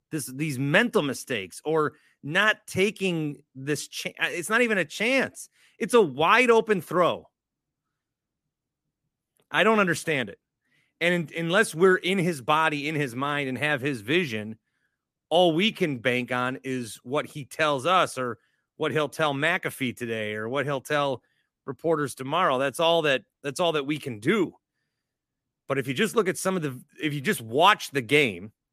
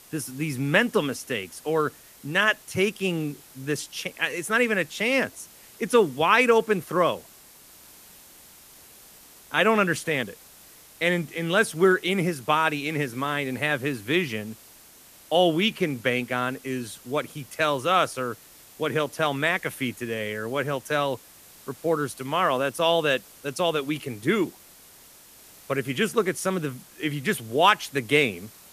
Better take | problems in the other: first | hiss; faint; throughout; 25 dB below the speech

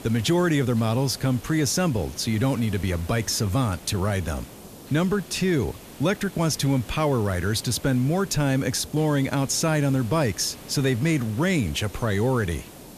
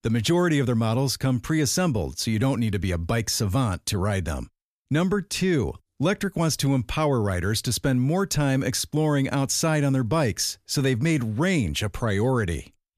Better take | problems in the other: second | hiss; noticeable; throughout; 20 dB below the speech

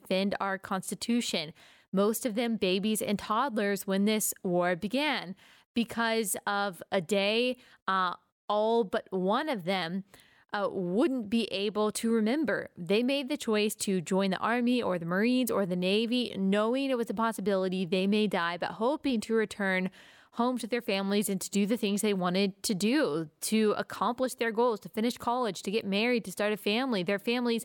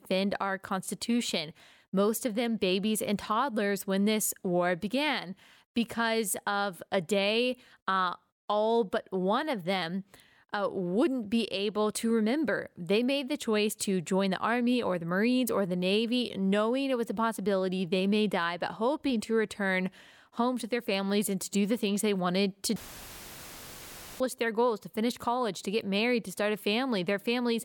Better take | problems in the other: first | audio cutting out; filled with static; at 23 s for 1.5 s

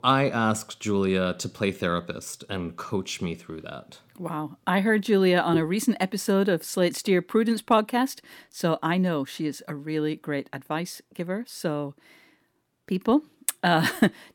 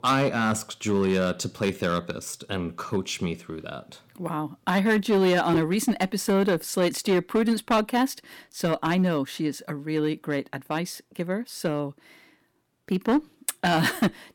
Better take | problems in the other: first | distortion; slight; 5% of the sound clipped

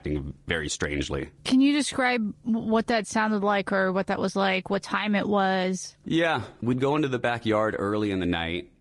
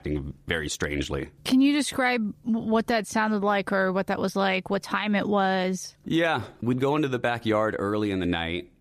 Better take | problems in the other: second | garbled, watery; slightly

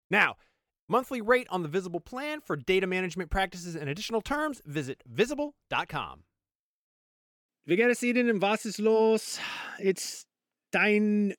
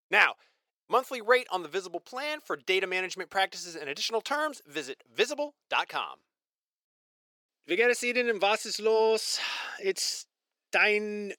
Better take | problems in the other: first | thin; somewhat; fading below 500 Hz

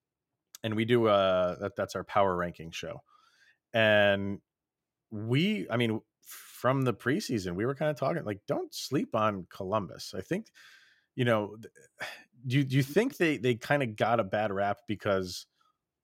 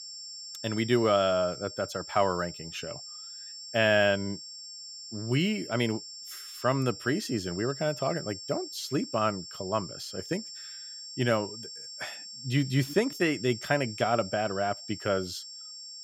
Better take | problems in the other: first | high-pitched whine; noticeable; throughout; 5.5 kHz, 10 dB below the speech

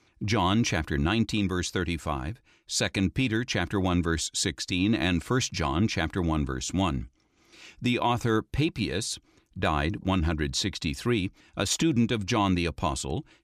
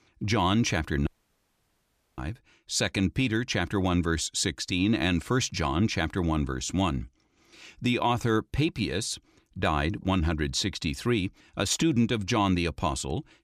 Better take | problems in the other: first | audio cutting out; at 1 s for 1 s

